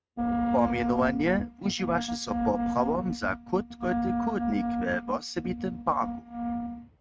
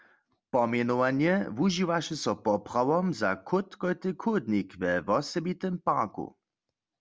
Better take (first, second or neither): second